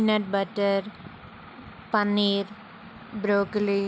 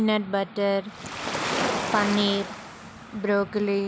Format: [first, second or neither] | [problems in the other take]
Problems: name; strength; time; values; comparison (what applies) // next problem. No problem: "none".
first | background sound (Waves, surf); 5 dB below the speech